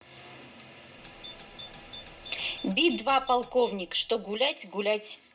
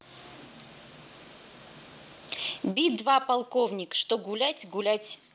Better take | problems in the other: second | background sound (Doorbell); 17 dB below the speech // room echo; dies away in 0.2 s

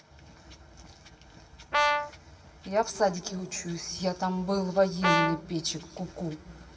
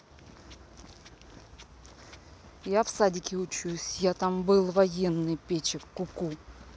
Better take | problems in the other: second | background sound (Brass instrument); 2 dB above the speech // room echo; dies away in 1.9 s

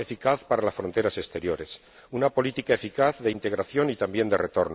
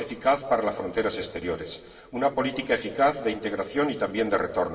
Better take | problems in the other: first | room echo; dies away in 1.7 s

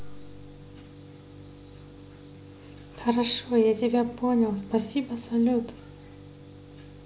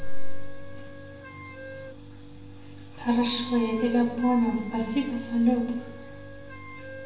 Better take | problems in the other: first | background sound (Wind instrument, woodwind instrument); 19 dB below the speech // room echo; dies away in 0.9 s

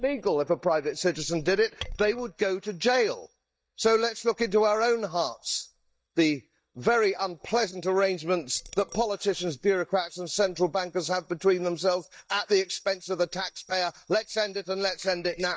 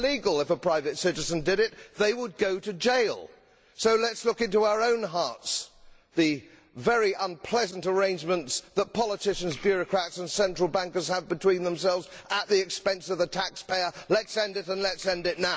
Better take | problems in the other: second | noise reduction (neural mask model DeepFilterNet 3)

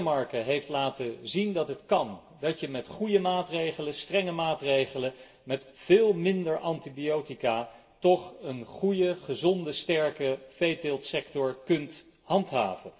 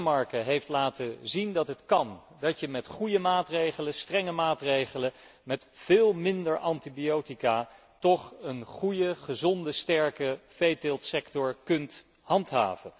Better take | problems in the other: second | room echo; dies away in 0.7 s

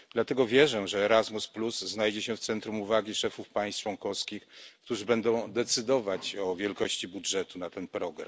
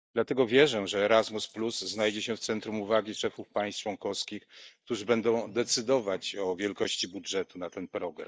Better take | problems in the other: first | noise reduction (neural mask model DeepFilterNet 3)

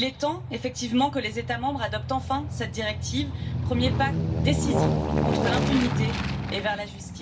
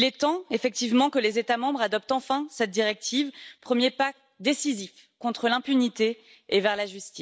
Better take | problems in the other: second | background sound (Aircraft); 1 dB above the speech // room echo; dies away in 0.2 s

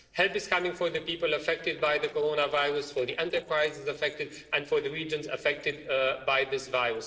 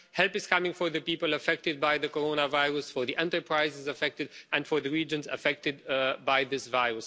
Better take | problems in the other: second | noise reduction (neural separator model SepFormer DNS4)

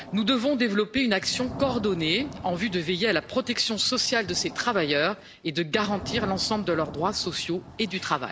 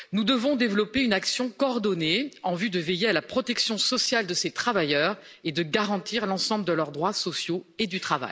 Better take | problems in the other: second | background sound (Thunder / Rain); 15 dB below the speech

